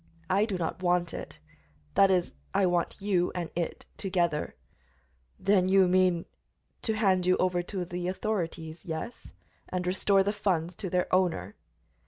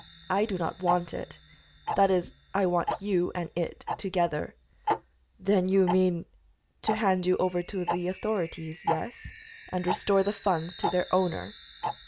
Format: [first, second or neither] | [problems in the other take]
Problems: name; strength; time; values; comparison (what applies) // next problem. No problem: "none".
first | background sound (Tick-tock + Chime); 9 dB below the speech